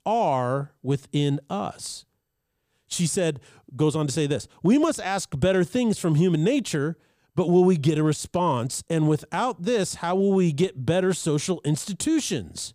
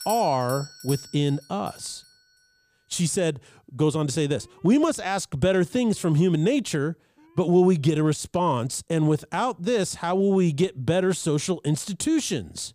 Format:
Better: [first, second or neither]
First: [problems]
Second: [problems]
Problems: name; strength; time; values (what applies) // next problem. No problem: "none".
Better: first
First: none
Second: alarms or sirens; noticeable; until 7.5 s; 15 dB below the speech